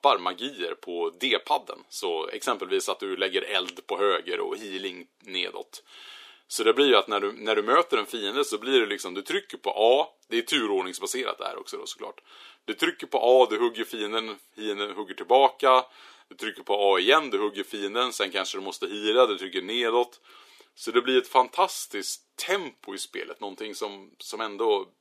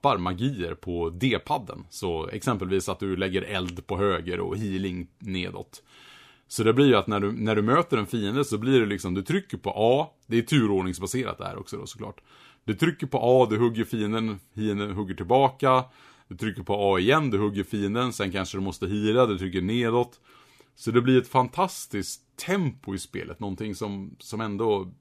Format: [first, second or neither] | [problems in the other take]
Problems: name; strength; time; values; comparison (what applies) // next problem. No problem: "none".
second | thin; somewhat; fading below 350 Hz